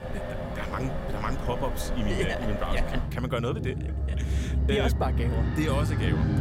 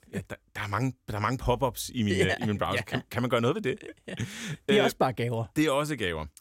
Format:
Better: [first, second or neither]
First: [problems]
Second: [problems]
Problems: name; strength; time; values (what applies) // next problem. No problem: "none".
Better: second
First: traffic noise; very loud; throughout; 2 dB above the speech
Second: none